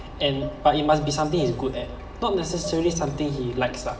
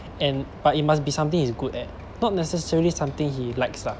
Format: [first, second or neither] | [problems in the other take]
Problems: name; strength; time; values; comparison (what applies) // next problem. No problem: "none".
second | background sound (Dishes, pots, and pans); 16 dB below the speech // room echo; dies away in 1.3 s